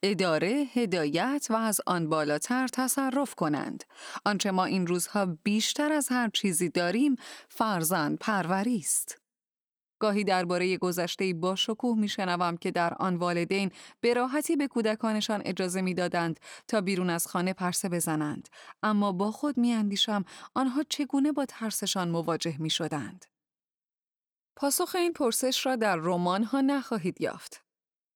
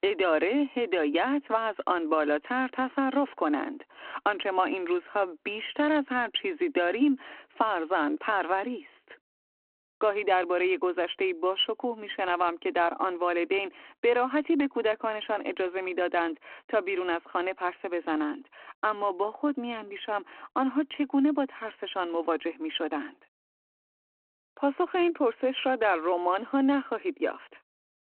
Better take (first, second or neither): first